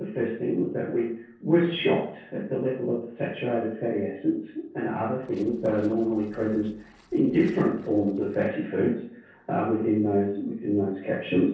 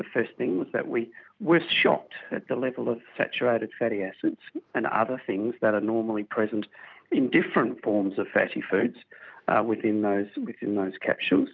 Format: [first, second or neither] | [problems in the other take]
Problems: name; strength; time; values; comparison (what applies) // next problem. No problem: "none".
second | noise reduction (neural separator model SepFormer DNS4)